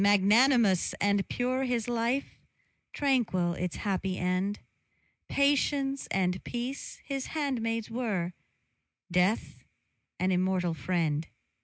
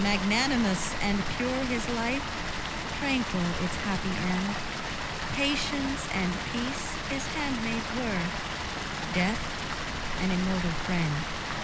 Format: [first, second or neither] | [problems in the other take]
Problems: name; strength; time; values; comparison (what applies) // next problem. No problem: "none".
first | background sound (Water); 1 dB below the speech